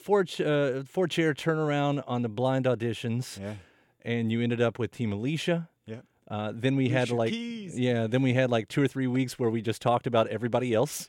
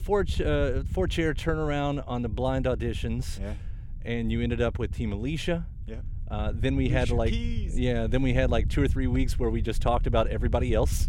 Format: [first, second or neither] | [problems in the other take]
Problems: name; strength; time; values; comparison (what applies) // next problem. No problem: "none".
first | low rumble; noticeable; throughout; 20 dB below the speech